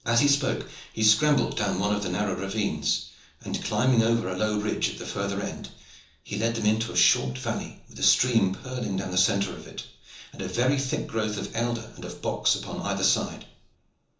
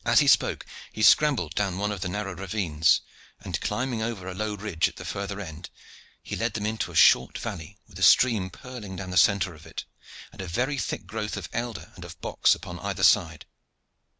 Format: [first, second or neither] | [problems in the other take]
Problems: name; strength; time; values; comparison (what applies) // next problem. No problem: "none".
second | room echo; dies away in 0.7 s